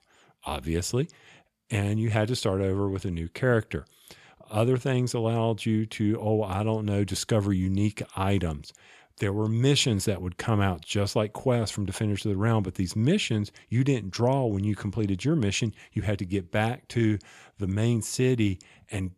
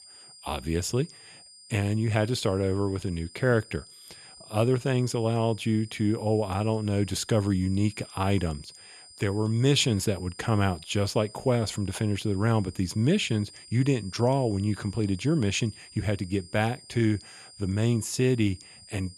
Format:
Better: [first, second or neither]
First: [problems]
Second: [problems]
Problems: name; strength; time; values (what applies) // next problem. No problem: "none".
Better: first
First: none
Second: high-pitched whine; noticeable; throughout; 5 kHz, 20 dB below the speech